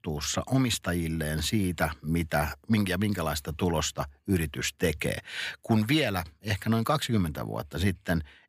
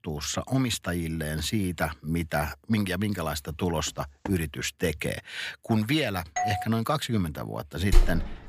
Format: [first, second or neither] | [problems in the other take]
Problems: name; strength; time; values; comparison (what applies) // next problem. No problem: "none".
first | footsteps; faint; at 4 s; peak 15 dB below the speech // doorbell; noticeable; at 6.5 s; peak 1 dB below the speech // door banging; loud; at 8 s; peak 2 dB above the speech